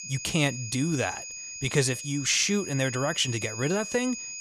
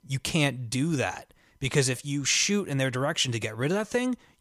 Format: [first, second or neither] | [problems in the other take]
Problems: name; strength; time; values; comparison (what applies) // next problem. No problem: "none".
second | high-pitched whine; loud; throughout; 6.5 kHz, 9 dB below the speech